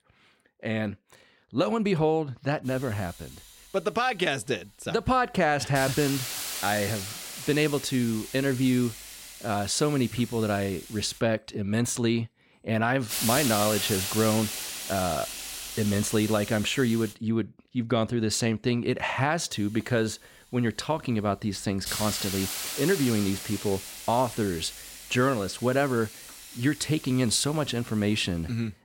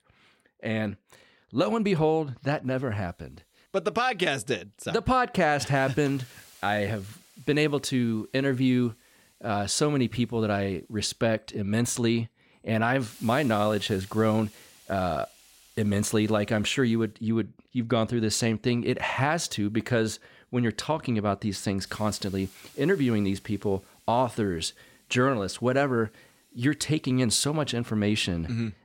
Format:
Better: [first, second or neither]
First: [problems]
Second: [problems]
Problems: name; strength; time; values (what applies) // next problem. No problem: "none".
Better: second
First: hiss; loud; from 2.5 to 11 s, from 13 to 17 s and from 20 s on; 7 dB below the speech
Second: hiss; faint; from 2.5 to 11 s, from 13 to 17 s and from 20 s on; 25 dB below the speech